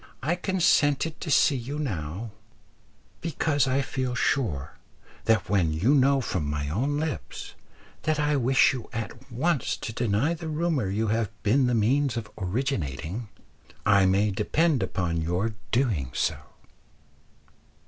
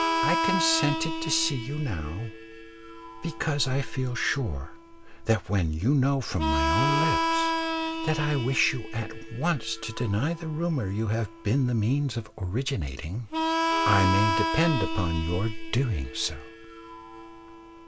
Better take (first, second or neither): first